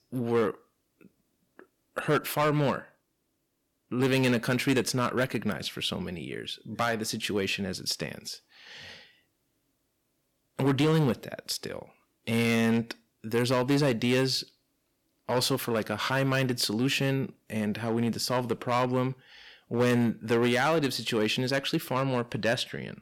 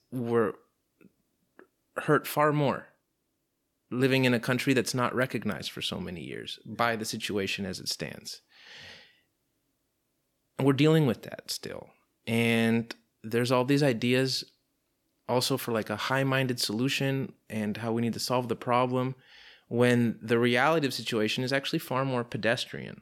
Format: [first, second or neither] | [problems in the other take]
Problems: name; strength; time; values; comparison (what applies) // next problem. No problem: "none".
second | distortion; slight; 4% of the sound clipped